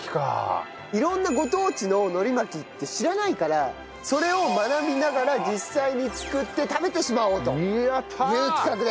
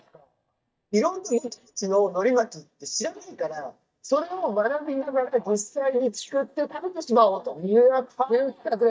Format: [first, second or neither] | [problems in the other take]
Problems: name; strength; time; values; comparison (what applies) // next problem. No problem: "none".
first | noise reduction (neural mask model DeepFilterNet 3)